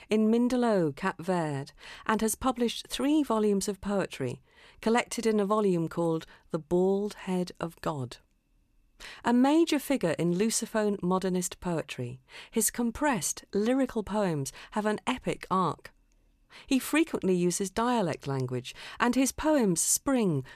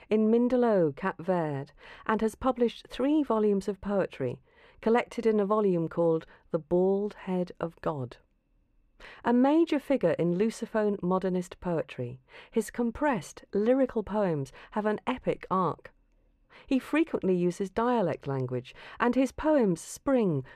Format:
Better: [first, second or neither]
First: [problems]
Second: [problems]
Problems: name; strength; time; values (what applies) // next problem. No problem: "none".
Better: first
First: none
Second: muffled; very; fading above 4 kHz